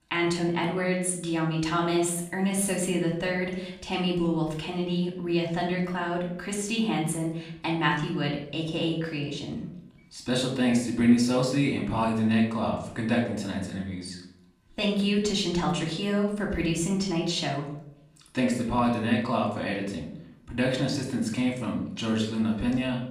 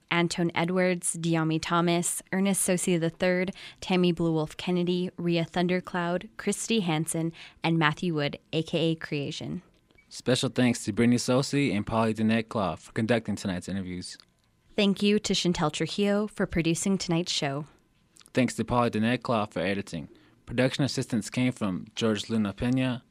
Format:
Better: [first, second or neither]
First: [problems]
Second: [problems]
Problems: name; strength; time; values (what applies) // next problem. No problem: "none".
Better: second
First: off-mic speech; far // room echo; noticeable; dies away in 0.6 s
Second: none